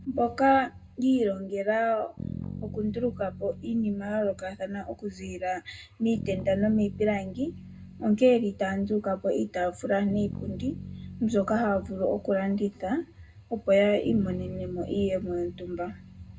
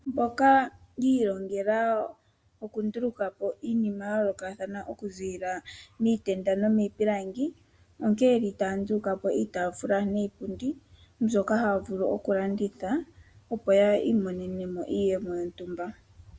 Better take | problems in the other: second | background sound (Bass guitar); 14 dB below the speech // room echo; dies away in 0.2 s

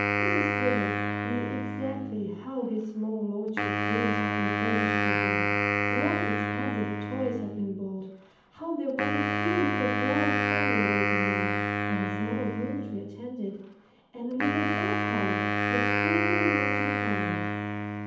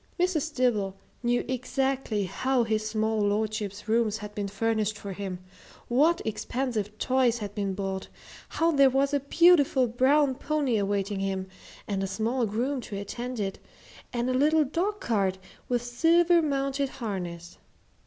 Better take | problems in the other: second | background sound (Wind instrument, woodwind instrument); 4 dB above the speech // room echo; dies away in 0.8 s

